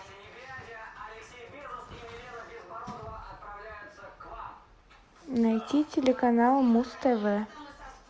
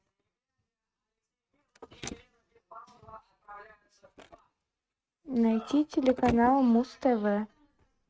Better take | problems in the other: first | noise reduction (neural mask model RNNoise)

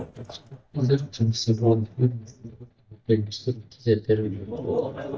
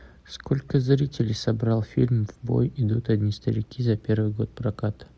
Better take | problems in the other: second | noise reduction (neural mask model DeepFilterNet 3)

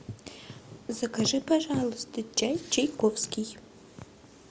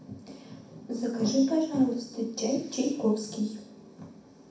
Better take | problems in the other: first | room echo; dies away in 0.6 s

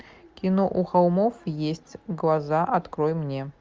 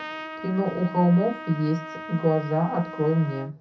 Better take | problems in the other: first | background sound (Trumpet); 12 dB below the speech // room echo; dies away in 0.3 s

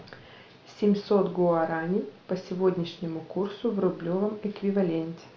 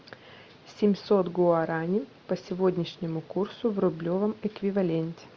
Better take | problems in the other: second | room echo; dies away in 0.4 s

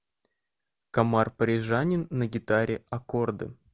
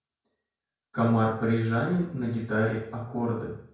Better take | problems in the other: first | room echo; dies away in 0.5 s

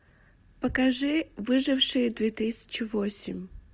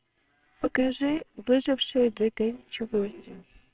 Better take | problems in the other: first | noise reduction (neural separator model SepFormer WHAMR!)

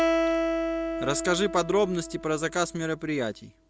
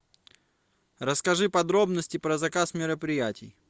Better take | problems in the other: second | background sound (Acoustic guitar); 2 dB below the speech

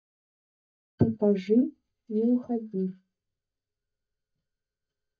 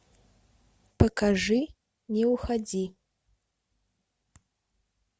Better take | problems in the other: second | noise reduction (neural mask model DeepFilterNet 3)

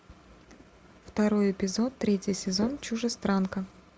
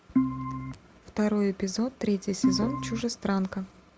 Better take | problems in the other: first | background sound (Organ); as loud as the speech

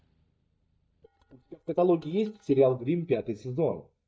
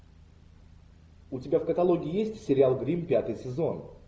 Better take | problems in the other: second | noise reduction (neural mask model DeepFilterNet 3)

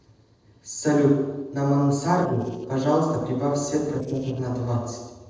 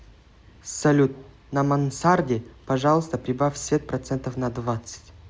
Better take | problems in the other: second | noise reduction (neural separator model SepFormer DNS4)

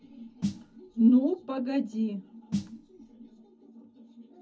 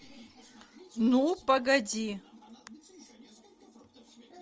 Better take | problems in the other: second | background sound (Snare drum); 10 dB below the speech // room echo; dies away in 0.4 s

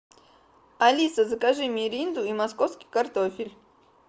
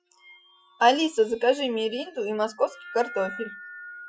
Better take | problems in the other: first | noise reduction (classical method Wiener filter)

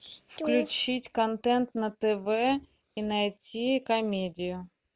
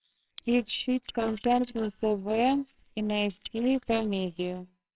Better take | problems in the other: first | noise reduction (neural separator model SepFormer WHAMR!)

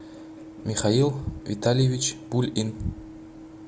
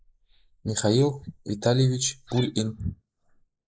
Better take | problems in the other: first | noise reduction (neural mask model Resemble Enhance denoiser)

